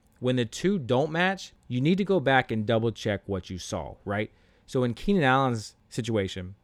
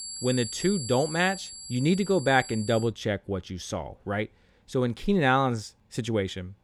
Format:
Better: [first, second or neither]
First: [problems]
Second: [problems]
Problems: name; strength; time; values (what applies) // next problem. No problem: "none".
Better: first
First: none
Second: high-pitched whine; loud; until 3 s; 4.5 kHz, 10 dB below the speech